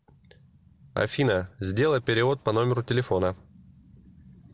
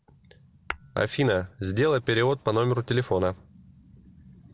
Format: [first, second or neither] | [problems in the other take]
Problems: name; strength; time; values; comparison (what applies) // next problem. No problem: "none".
first | background sound (Tap / Hammer); 18 dB below the speech